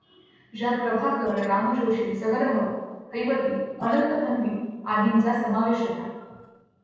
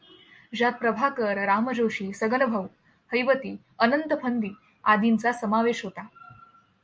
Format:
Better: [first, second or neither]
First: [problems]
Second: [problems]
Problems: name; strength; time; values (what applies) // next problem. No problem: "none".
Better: second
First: noise reduction (neural separator model SepFormer DNS4)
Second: none